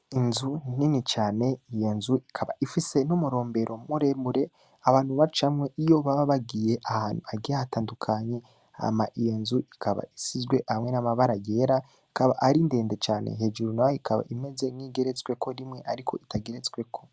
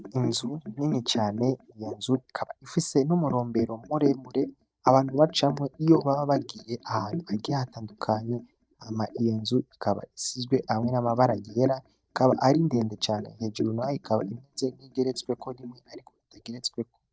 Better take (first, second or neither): first